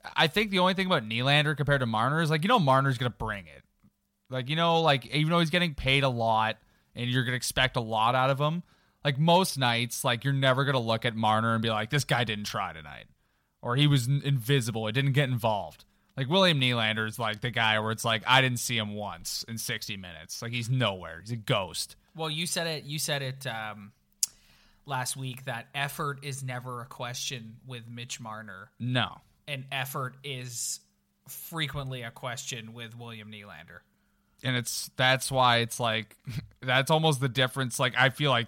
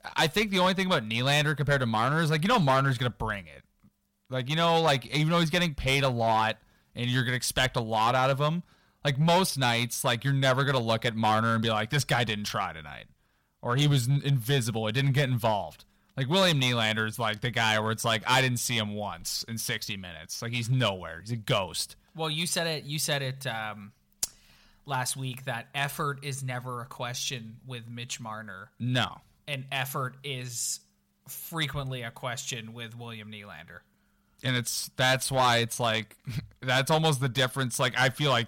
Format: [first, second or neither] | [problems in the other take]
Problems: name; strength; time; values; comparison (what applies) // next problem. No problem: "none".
first | distortion; slight; 4% of the sound clipped